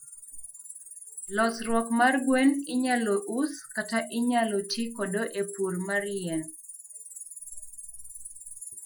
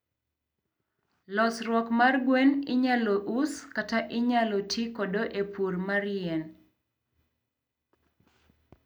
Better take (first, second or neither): second